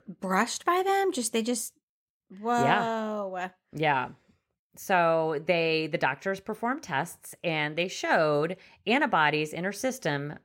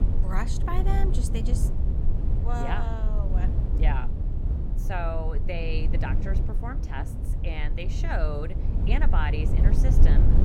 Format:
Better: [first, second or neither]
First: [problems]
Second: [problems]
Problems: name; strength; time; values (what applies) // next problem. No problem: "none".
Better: first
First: none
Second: low rumble; loud; throughout; 6 dB below the speech